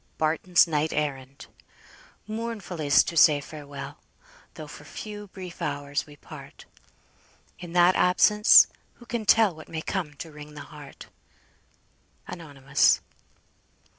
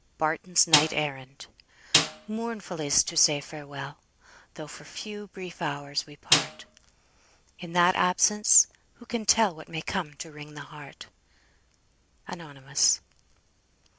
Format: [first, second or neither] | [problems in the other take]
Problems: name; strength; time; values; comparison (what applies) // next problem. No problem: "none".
first | background sound (Snare drum); 2 dB above the speech